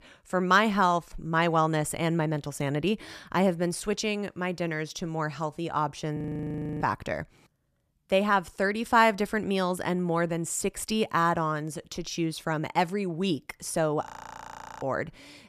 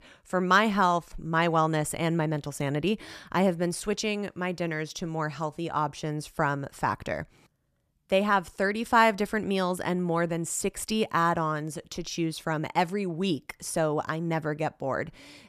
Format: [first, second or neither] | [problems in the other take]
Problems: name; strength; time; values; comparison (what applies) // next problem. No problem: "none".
second | audio freezing; at 6 s for 0.5 s and at 14 s for 1 s